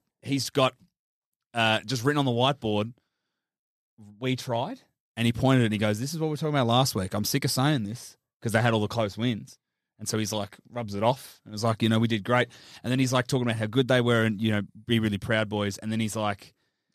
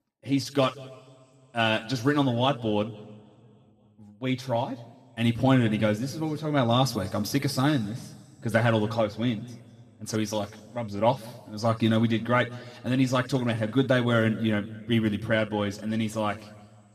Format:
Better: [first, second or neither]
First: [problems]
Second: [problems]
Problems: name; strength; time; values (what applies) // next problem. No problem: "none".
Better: first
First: none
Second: room echo; slight; dies away in 1.6 s